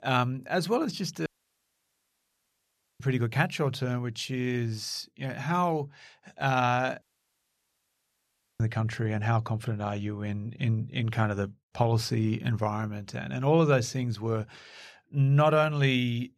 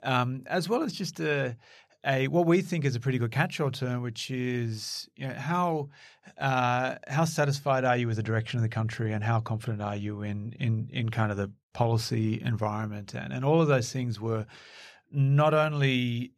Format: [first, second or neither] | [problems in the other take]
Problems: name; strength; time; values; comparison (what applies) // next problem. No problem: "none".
second | audio cutting out; at 1.5 s for 1.5 s and at 7 s for 1.5 s